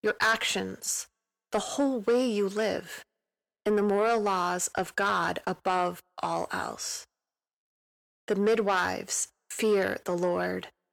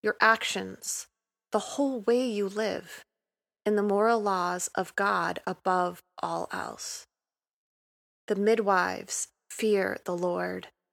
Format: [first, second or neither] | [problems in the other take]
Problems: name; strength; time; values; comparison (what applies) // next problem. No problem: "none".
second | distortion; slight; 10 dB below the speech